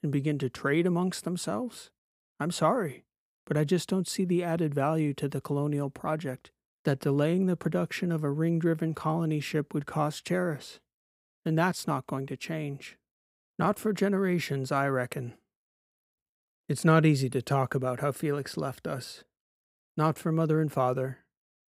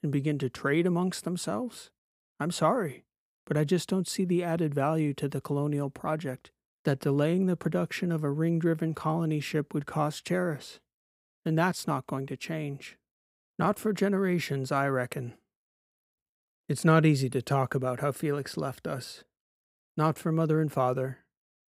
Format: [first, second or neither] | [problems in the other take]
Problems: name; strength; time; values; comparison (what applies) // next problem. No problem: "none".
neither | none